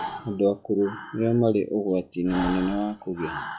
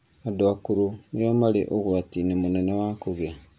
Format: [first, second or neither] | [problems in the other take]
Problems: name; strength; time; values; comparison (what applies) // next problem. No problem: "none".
second | noise reduction (classical method log-MMSE)